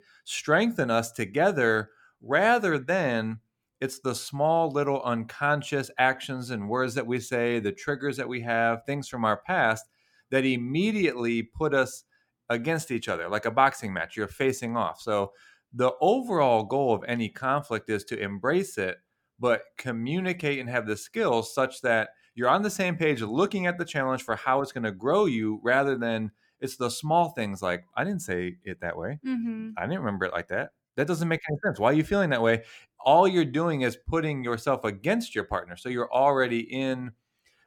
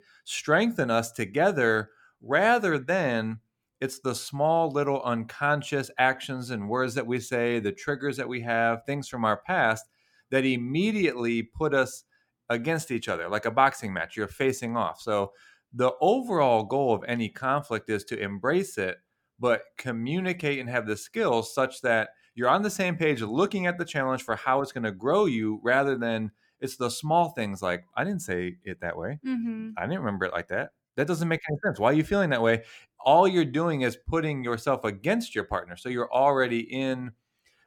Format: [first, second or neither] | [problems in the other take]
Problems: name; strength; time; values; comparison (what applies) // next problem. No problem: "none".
neither | none